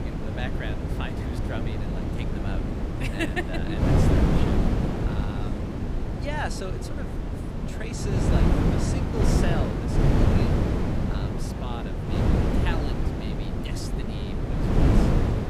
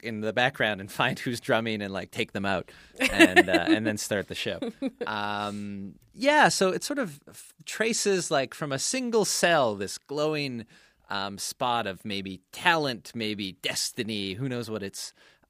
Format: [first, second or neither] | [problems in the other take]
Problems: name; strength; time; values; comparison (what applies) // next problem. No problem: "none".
second | wind noise on the microphone; heavy; 4 dB above the speech